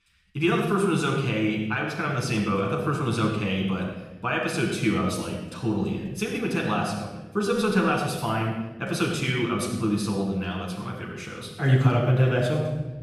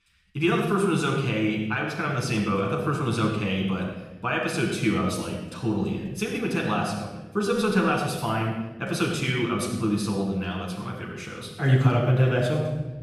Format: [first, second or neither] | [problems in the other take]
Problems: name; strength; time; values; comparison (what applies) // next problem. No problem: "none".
neither | off-mic speech; far; the same in both // room echo; noticeable; dies away in 1 s; the same in both